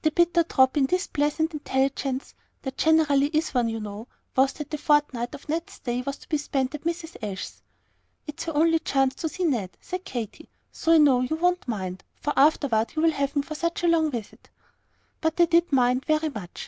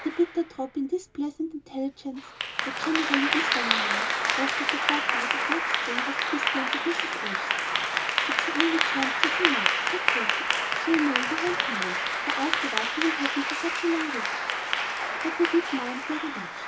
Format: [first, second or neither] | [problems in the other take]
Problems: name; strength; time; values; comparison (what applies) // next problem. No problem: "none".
first | background sound (Applause / Clapping); 4 dB above the speech // room echo; dies away in 0.2 s